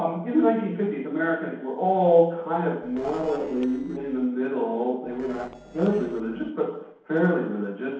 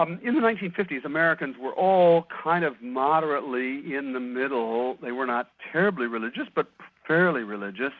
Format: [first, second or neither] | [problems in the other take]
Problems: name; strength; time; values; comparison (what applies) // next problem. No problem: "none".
second | noise reduction (neural separator model SepFormer DNS4)